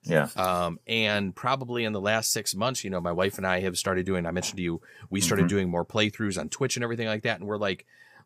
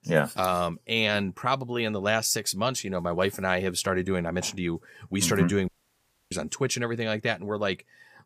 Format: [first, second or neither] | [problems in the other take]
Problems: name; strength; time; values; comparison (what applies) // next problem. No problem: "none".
first | audio cutting out; at 5.5 s for 0.5 s